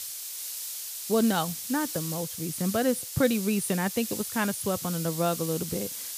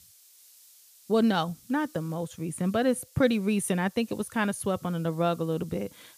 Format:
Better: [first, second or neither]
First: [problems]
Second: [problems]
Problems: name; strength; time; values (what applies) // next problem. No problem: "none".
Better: second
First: hiss; loud; throughout; 5 dB below the speech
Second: hiss; faint; throughout; 25 dB below the speech